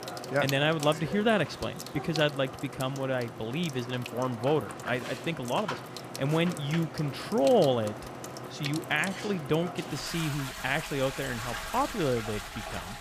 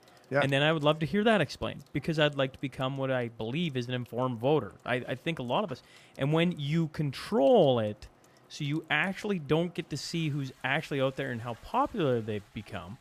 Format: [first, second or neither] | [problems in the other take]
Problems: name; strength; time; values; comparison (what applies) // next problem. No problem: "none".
second | household noises; loud; throughout; 9 dB below the speech; faint in the second